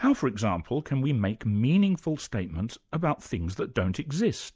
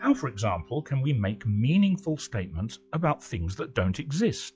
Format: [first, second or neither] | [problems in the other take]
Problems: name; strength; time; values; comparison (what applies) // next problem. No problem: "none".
first | noise reduction (classical method log-MMSE)